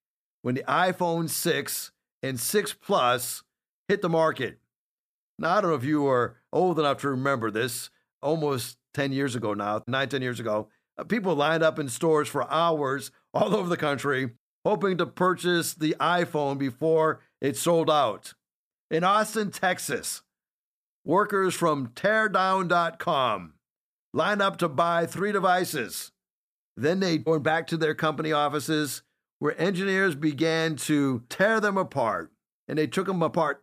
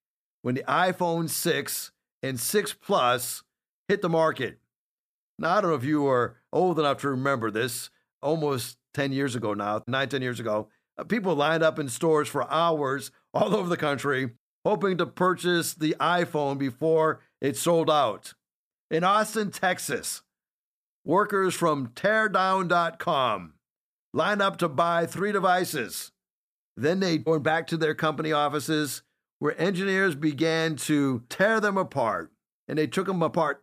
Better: neither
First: none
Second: none

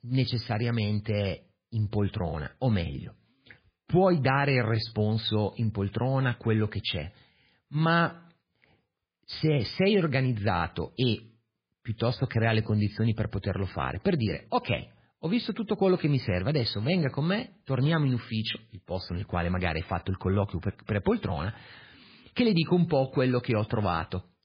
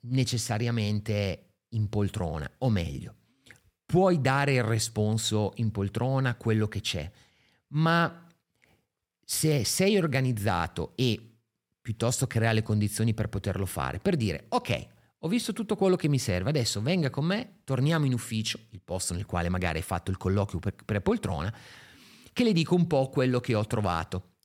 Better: second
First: garbled, watery; badly; nothing above 4.5 kHz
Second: none

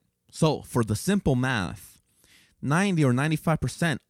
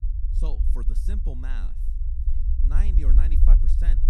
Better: first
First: none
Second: low rumble; loud; throughout; 2 dB below the speech

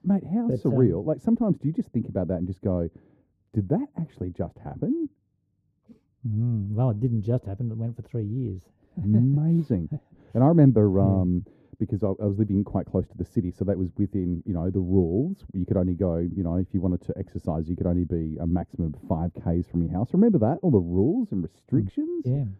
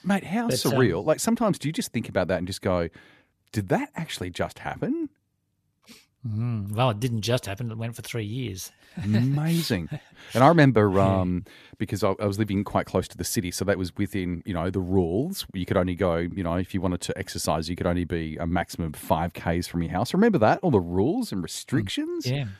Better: second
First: muffled; very; fading above 1 kHz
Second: none

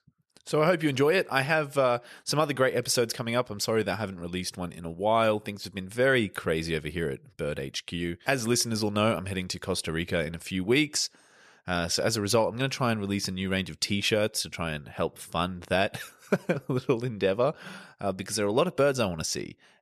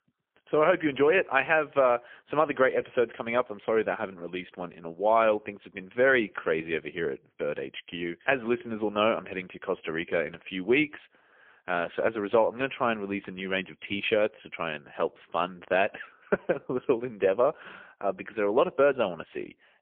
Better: first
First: none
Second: phone-call audio; poor line; nothing above 3 kHz

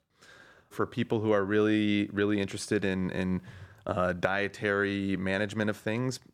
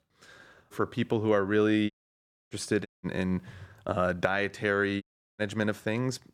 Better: first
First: none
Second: audio cutting out; at 2 s for 0.5 s, at 3 s and at 5 s

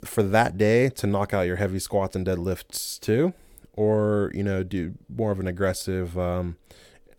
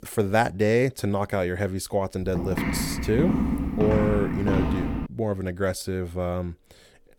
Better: first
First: none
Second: footsteps; loud; from 2 to 5 s; peak 2 dB above the speech

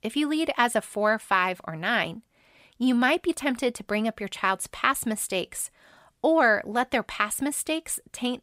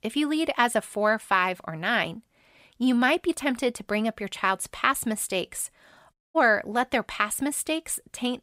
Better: first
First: none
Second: audio cutting out; at 6 s

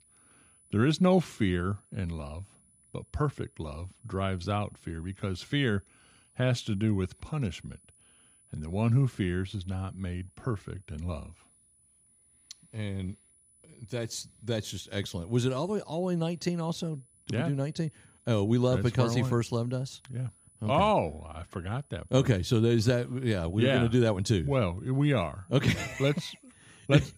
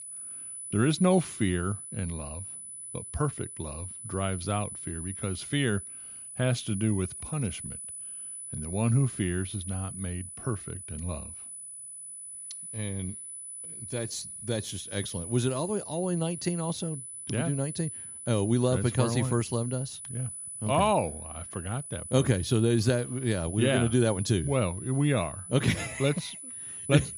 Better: first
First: high-pitched whine; faint; throughout; 10 kHz, 30 dB below the speech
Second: high-pitched whine; loud; throughout; 10 kHz, 9 dB below the speech

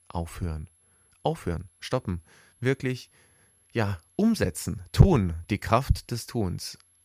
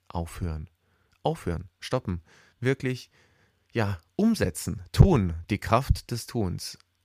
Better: second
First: high-pitched whine; faint; throughout; 11 kHz, 35 dB below the speech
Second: none

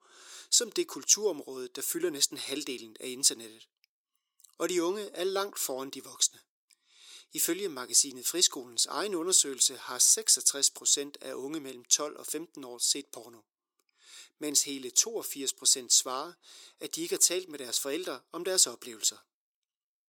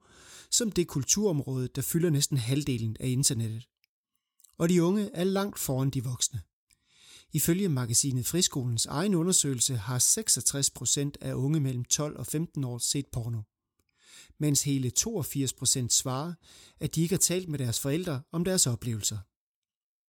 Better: second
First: thin; very; fading below 350 Hz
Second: none

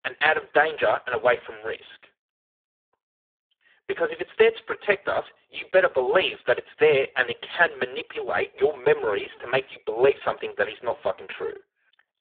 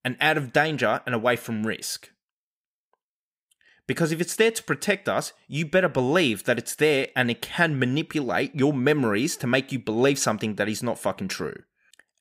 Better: second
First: phone-call audio; poor line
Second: none

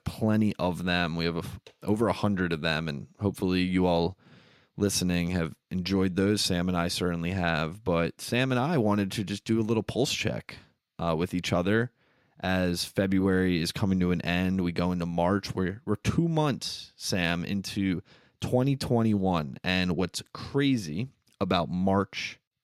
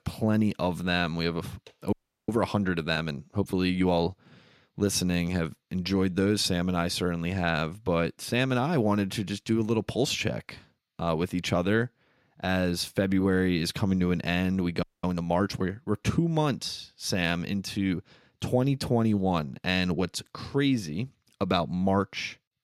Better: first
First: none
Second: audio freezing; at 2 s and at 15 s

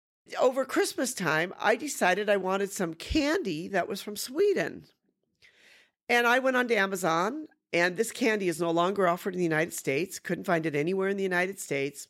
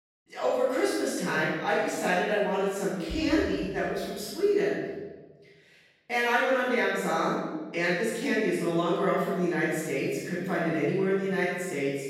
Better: first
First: none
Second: room echo; strong; dies away in 1.2 s // off-mic speech; far

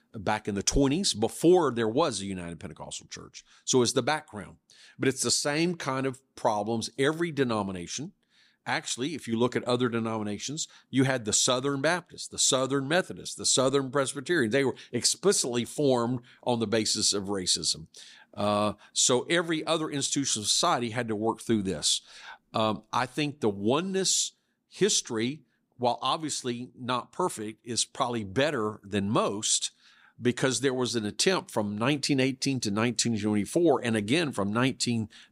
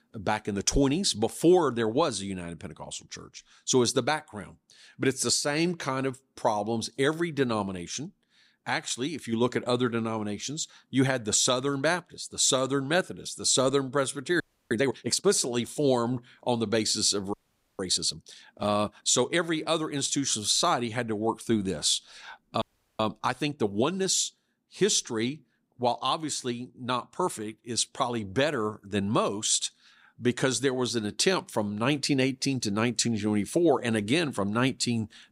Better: first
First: none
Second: audio freezing; at 14 s, at 17 s and at 23 s

